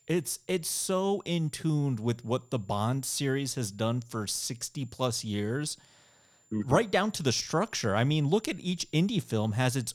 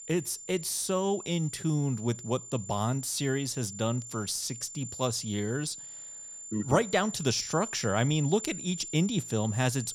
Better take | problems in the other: first | high-pitched whine; loud; throughout; 7 kHz, 10 dB below the speech; faint in the first

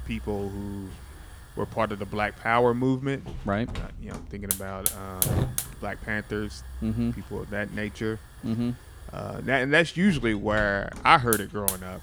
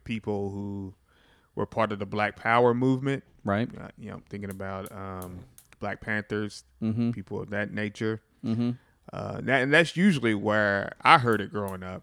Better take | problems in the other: second | hiss; loud; throughout; 6 dB below the speech; faint in the second

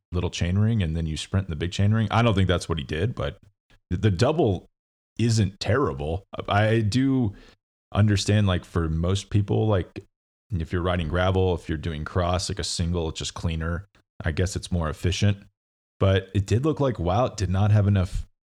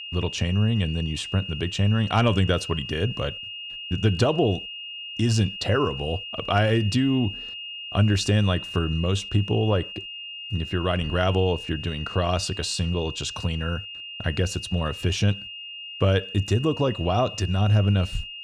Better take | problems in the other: first | high-pitched whine; loud; throughout; 3 kHz, 9 dB below the speech

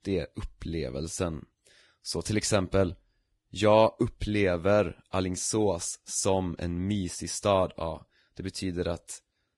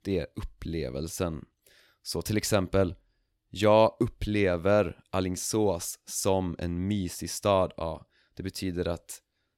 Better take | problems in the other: second | garbled, watery; badly; nothing above 10.5 kHz

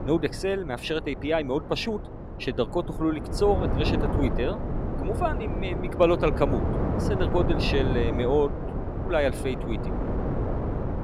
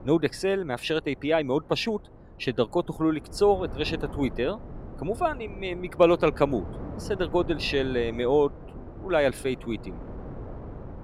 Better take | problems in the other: second | wind noise on the microphone; heavy; 7 dB below the speech; occasional gusts in the second

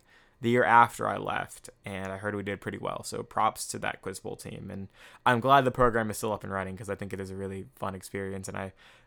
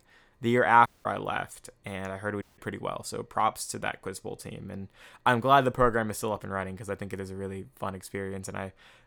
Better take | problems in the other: first | audio cutting out; at 1 s and at 2.5 s

